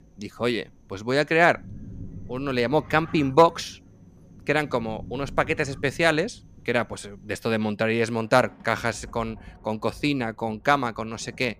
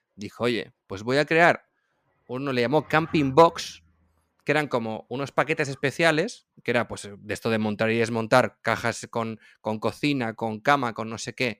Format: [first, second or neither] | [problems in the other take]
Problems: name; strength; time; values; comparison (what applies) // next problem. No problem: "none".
second | rain or running water; faint; throughout; 20 dB below the speech